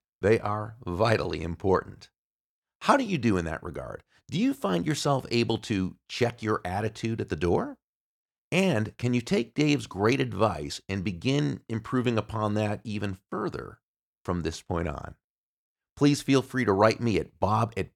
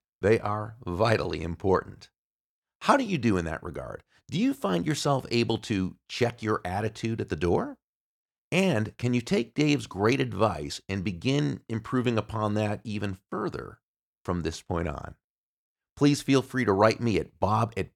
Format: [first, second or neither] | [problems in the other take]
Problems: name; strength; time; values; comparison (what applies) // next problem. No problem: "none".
neither | none